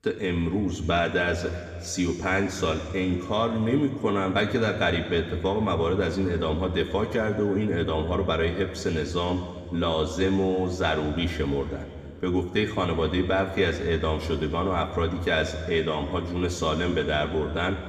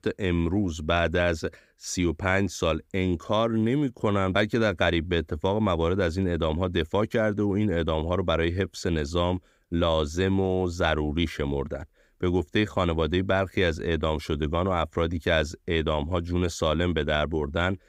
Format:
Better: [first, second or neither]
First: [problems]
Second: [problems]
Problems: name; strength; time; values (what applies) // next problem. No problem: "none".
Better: second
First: room echo; slight; dies away in 2 s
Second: none